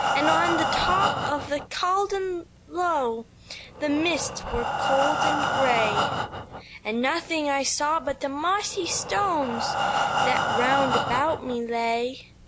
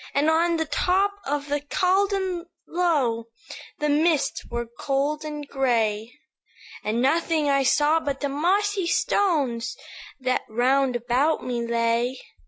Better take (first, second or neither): second